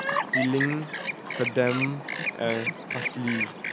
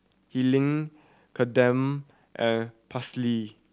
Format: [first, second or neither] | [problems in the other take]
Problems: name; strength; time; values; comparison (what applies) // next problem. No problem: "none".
second | background sound (Chirp, tweet); 1 dB below the speech